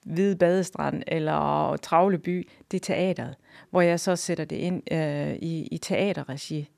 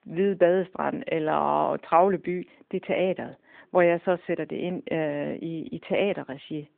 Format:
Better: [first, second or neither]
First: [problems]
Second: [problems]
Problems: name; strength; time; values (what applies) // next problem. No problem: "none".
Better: first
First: none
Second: phone-call audio